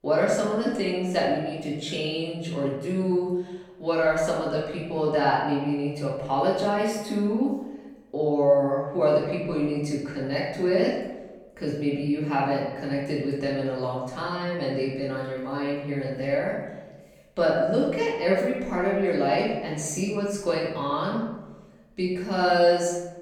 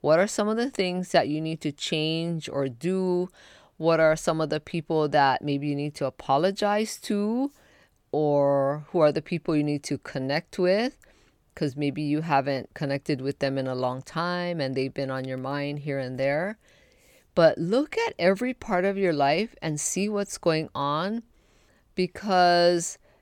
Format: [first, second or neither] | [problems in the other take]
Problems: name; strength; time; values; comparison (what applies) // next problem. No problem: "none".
second | room echo; noticeable; dies away in 0.9 s // off-mic speech; far